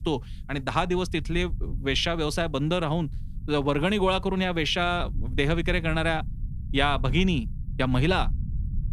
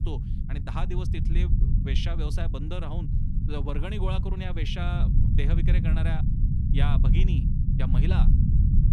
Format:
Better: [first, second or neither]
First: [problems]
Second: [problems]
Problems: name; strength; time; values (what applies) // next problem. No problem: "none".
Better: first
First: low rumble; faint; throughout; 25 dB below the speech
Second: low rumble; loud; throughout; 2 dB below the speech